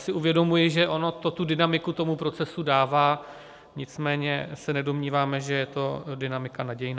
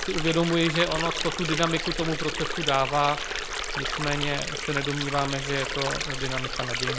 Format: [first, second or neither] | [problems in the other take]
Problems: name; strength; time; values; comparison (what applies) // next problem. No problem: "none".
first | background sound (Stream); 3 dB below the speech